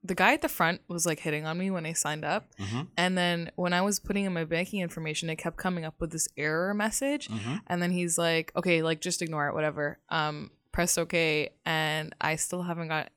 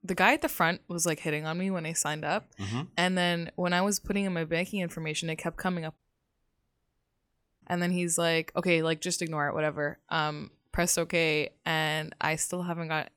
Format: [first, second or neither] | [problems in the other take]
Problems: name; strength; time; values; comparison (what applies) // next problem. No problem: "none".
first | audio cutting out; at 6 s for 1.5 s